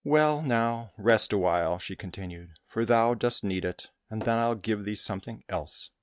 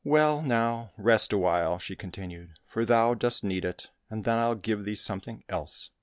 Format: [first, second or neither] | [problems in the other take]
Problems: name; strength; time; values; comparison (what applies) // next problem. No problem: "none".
second | noise reduction (neural mask model RNNoise)